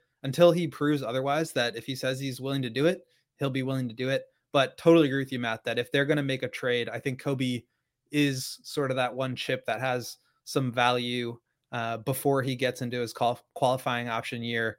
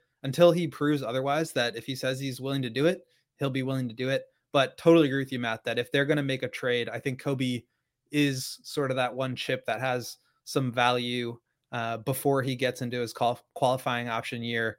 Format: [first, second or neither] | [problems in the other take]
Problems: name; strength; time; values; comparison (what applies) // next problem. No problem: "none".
neither | none